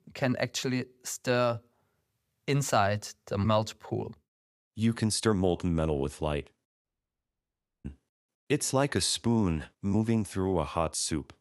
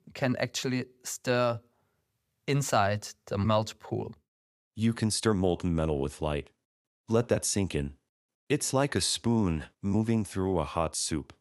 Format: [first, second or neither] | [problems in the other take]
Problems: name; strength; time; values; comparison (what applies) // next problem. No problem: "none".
second | audio cutting out; at 7 s for 1 s